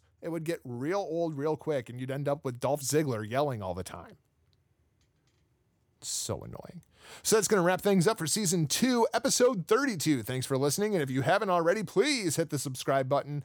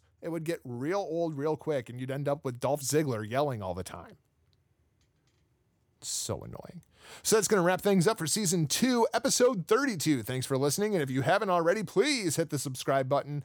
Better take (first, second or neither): neither